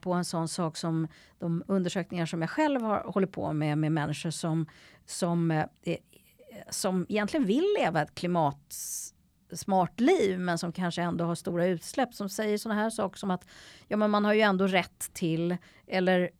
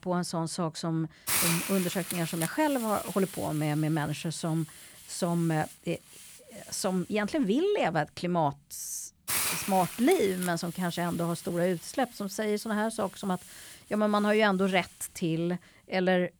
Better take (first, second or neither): first